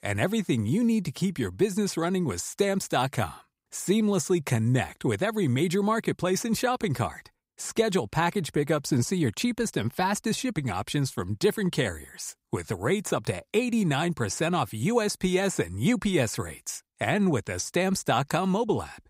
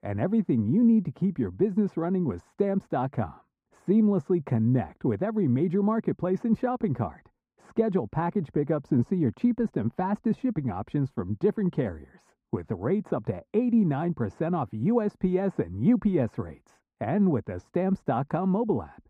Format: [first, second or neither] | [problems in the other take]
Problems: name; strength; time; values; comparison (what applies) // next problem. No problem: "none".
first | muffled; very; fading above 2.5 kHz